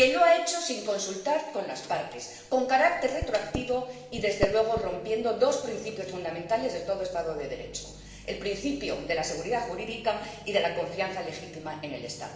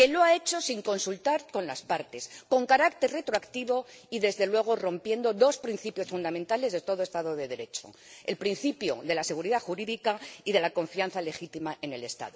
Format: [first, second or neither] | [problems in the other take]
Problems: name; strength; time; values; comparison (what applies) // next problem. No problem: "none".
second | background sound (Microwave oven); 14 dB below the speech // room echo; dies away in 1 s